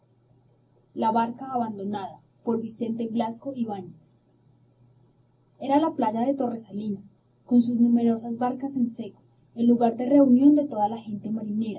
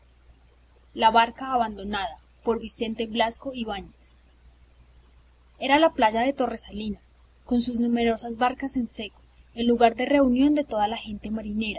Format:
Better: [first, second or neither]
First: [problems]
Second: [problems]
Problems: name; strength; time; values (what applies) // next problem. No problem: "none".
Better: second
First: room echo; dies away in 0.4 s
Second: none